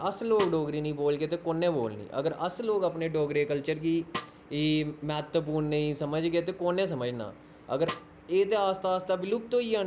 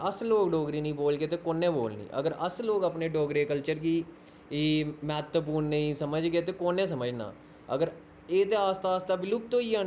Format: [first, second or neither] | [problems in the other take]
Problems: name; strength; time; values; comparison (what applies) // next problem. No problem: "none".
second | background sound (Snare drum); 15 dB below the speech